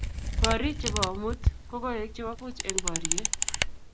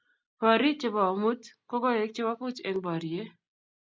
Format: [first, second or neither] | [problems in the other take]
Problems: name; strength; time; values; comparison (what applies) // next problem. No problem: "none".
second | background sound (Camera); 5 dB above the speech